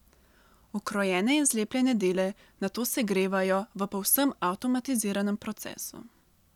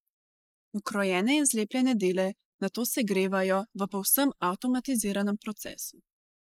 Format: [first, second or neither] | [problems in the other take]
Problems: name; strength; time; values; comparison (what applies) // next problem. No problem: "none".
first | noise reduction (neural mask model Resemble Enhance denoiser)